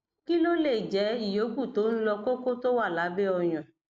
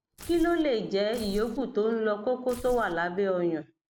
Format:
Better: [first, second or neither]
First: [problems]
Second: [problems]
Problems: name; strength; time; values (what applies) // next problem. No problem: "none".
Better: first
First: none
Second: background sound (Tearing); 16 dB below the speech